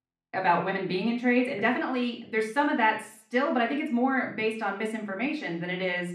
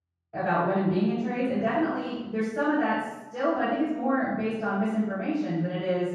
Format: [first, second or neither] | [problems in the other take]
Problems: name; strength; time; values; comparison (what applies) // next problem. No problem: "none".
first | room echo; strong; dies away in 1.3 s; slight in the first // off-mic speech; far; somewhat distant in the first